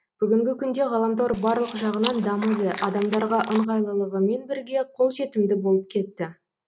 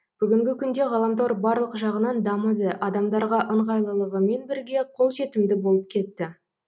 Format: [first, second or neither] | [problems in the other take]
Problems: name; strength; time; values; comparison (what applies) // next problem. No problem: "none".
second | background sound (Chewing, mastication); 12 dB below the speech